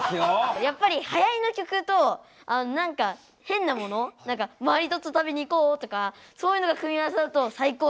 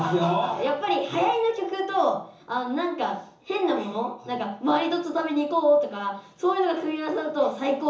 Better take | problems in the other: first | room echo; dies away in 0.7 s

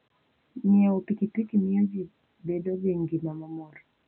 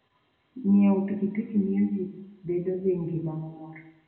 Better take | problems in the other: first | room echo; dies away in 0.7 s

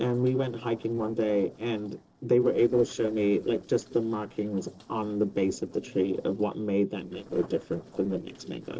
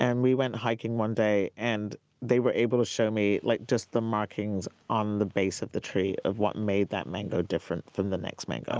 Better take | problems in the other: second | noise reduction (neural separator model SepFormer DNS4)

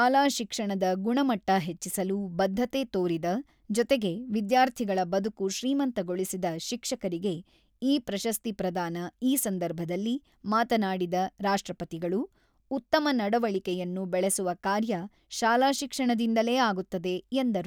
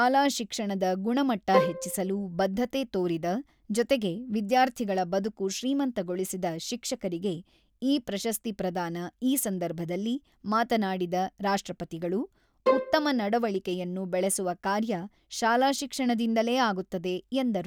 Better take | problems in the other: first | background sound (Bowed string instrument); 1 dB below the speech

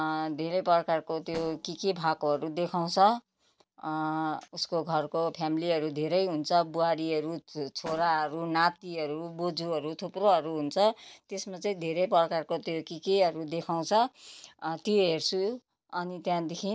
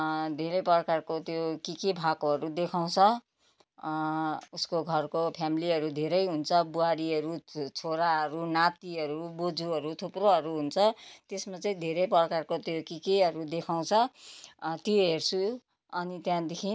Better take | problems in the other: second | noise reduction (neural separator model SepFormer DNS4)

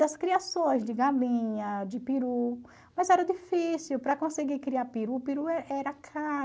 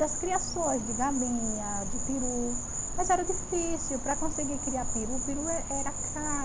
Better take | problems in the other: first | background sound (Insect); as loud as the speech

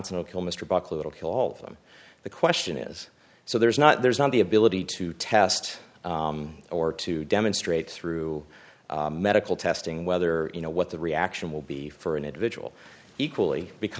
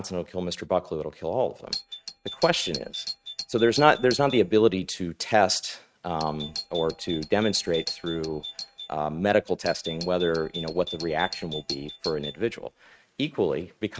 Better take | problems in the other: first | noise reduction (neural mask model RNNoise)

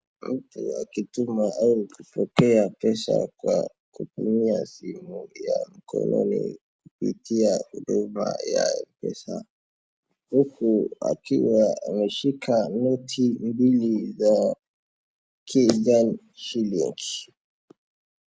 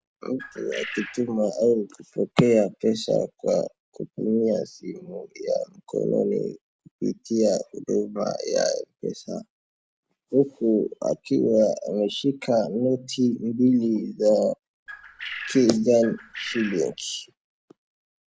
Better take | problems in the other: first | background sound (Bird); 13 dB below the speech

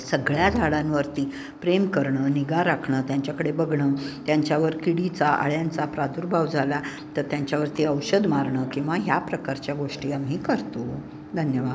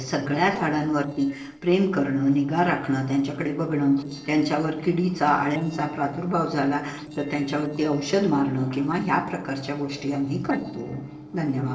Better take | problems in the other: first | noise reduction (neural separator model SepFormer DNS4)

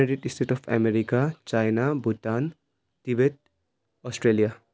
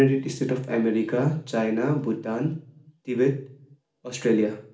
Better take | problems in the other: first | room echo; dies away in 0.4 s

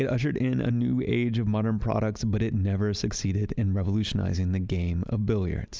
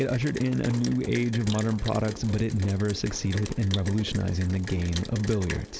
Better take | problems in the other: first | background sound (Rain); 13 dB below the speech

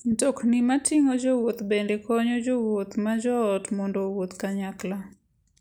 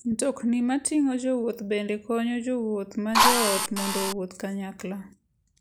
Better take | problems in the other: first | background sound (Drill); 4 dB above the speech

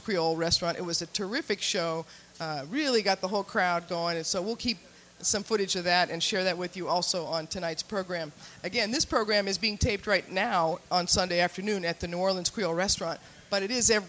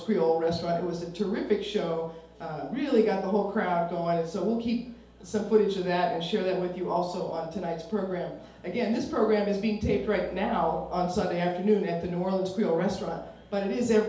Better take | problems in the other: first | room echo; dies away in 2.2 s

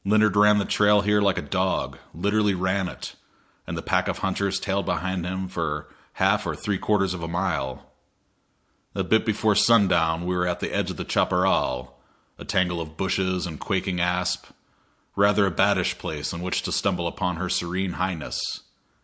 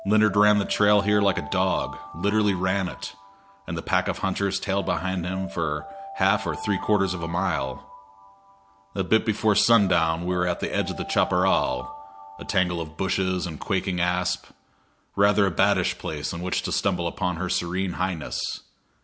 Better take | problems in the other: first | background sound (Alarm); 16 dB below the speech

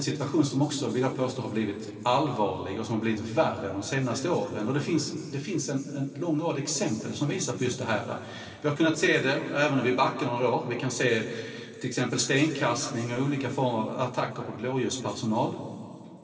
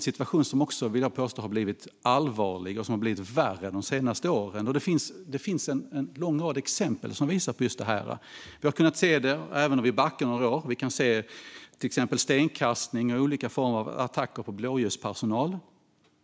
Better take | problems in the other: second | room echo; dies away in 2.8 s

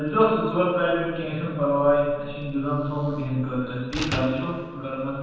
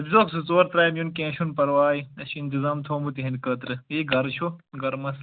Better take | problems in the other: second | background sound (Slam); 15 dB below the speech // room echo; dies away in 1.2 s

